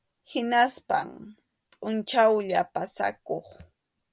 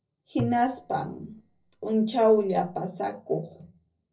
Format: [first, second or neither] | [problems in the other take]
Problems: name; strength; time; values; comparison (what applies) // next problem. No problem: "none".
first | noise reduction (neural separator model SepFormer DNS4)